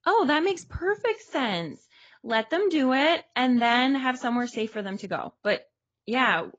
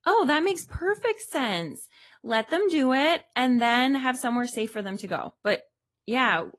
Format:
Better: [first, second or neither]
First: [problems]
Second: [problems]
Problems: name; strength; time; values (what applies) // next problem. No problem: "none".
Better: second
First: garbled, watery; badly; nothing above 7.5 kHz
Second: garbled, watery; slightly; nothing above 12 kHz